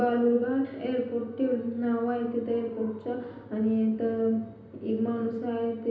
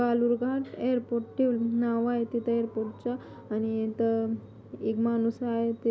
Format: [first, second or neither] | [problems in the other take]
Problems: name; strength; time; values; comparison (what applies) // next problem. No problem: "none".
second | room echo; dies away in 0.9 s